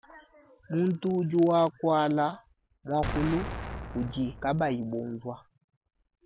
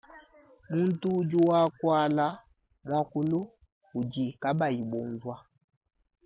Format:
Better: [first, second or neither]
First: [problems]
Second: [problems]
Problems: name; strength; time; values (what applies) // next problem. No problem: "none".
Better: second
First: background sound (Explosion); 9 dB below the speech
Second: none